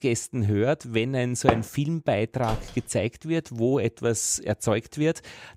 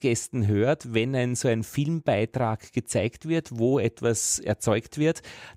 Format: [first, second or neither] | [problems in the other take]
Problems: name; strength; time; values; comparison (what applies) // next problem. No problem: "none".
second | door banging; loud; at 1.5 s; peak 1 dB above the speech // door banging; faint; at 2.5 s; peak 10 dB below the speech